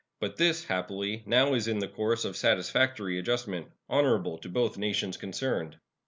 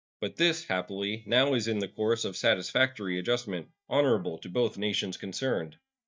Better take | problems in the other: first | noise reduction (neural mask model DeepFilterNet 3)

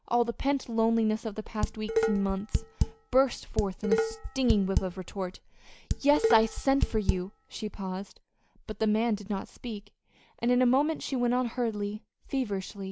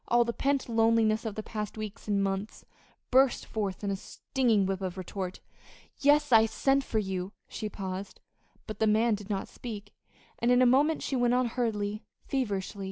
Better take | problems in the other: second | background sound (Dishes, pots, and pans); 1 dB below the speech

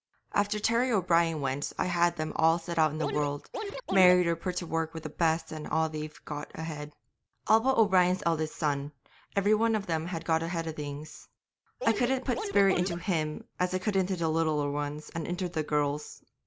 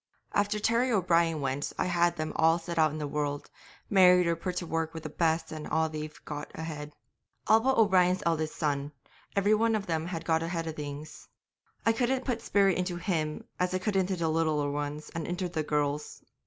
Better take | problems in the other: second | background sound (Scratching (performance technique)); 6 dB below the speech

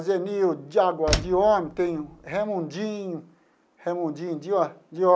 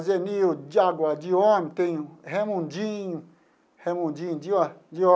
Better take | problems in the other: second | background sound (Slam); 6 dB below the speech

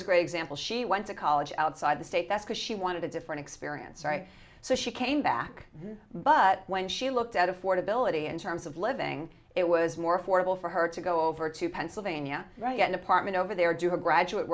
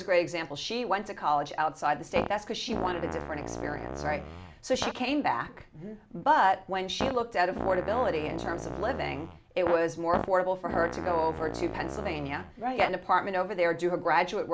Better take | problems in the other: first | background sound (Fart); 7 dB below the speech

